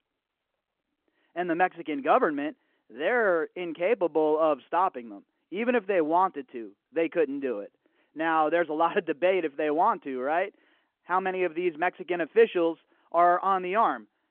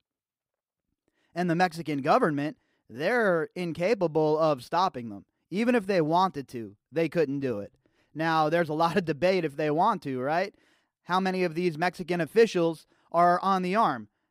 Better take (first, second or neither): second